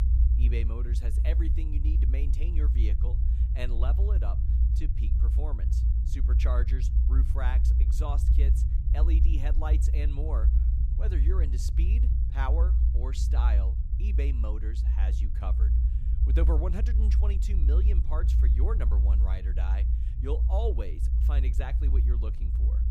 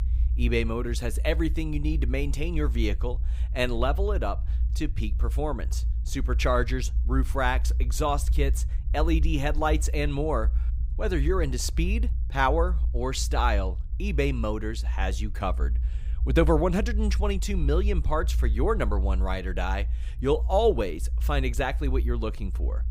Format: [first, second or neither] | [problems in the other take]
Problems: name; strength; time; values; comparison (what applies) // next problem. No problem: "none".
second | low rumble; loud; throughout; 4 dB below the speech; faint in the second